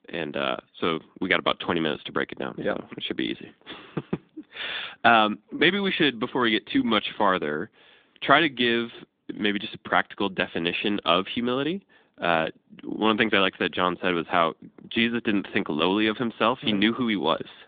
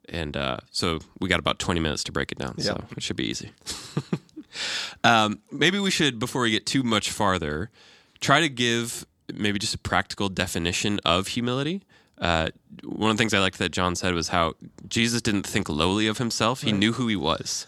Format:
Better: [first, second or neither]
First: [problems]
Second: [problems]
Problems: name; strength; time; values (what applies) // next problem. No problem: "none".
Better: second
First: phone-call audio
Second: none